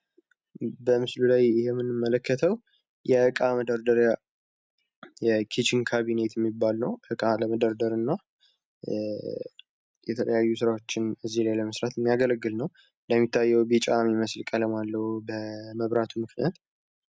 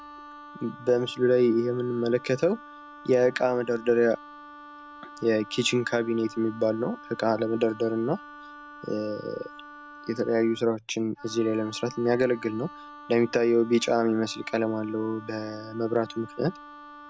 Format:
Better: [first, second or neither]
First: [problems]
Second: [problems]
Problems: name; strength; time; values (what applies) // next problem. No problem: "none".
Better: first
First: none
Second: background sound (Wind instrument, woodwind instrument); 18 dB below the speech